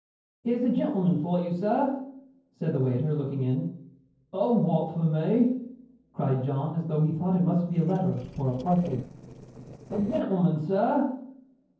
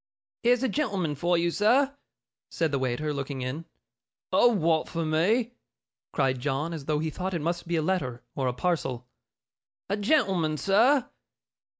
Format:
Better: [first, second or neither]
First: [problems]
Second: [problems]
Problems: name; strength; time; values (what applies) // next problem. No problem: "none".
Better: second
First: noise reduction (neural separator model SepFormer DNS4)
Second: none